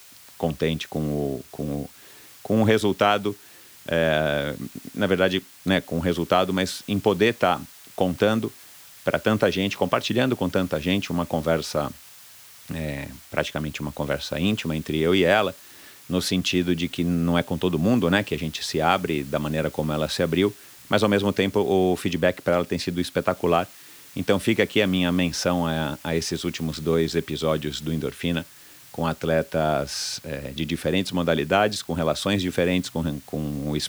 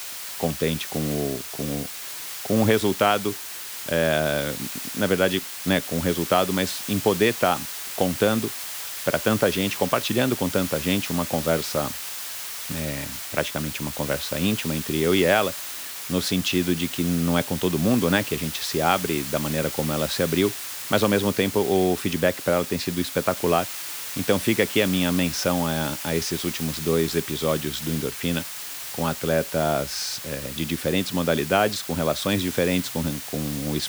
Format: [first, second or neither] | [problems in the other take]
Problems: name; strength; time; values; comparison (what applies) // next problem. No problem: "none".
first | hiss; loud; throughout; 7 dB below the speech; faint in the first